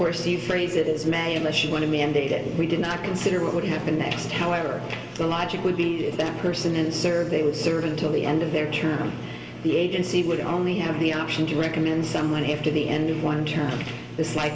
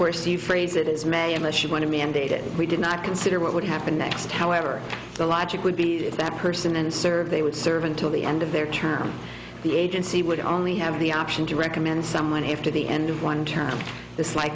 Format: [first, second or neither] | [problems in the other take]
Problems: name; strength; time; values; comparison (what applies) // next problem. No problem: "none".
second | room echo; dies away in 2 s